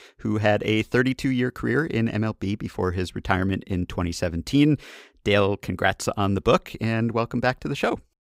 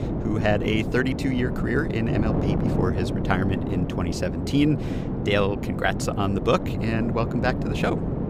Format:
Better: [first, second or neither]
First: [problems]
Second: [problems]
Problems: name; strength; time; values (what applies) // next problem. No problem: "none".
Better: first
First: none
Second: wind noise on the microphone; heavy; 6 dB below the speech